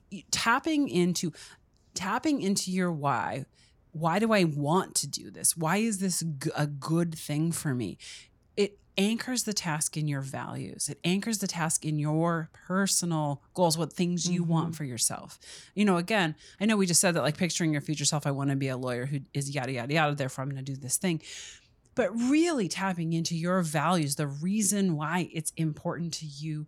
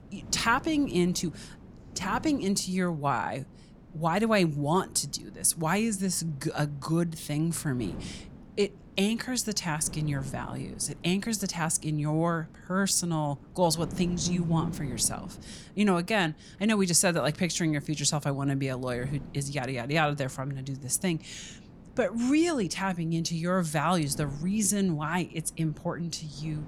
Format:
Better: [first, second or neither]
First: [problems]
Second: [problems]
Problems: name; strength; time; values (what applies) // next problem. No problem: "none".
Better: first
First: none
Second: wind noise on the microphone; occasional gusts; 20 dB below the speech